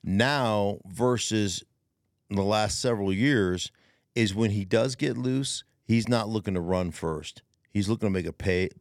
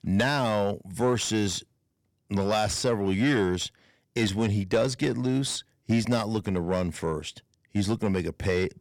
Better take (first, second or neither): first